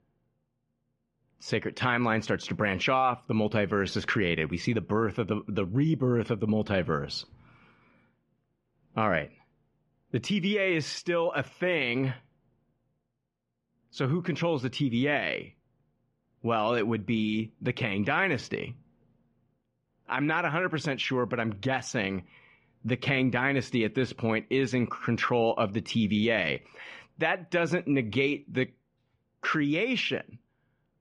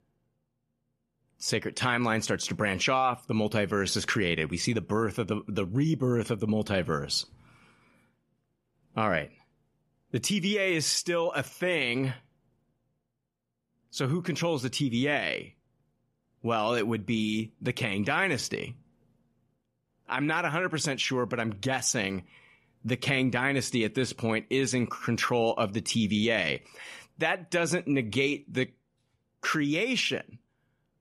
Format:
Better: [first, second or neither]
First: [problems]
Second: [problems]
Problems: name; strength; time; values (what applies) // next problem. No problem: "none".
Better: second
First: muffled; slightly; fading above 3 kHz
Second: none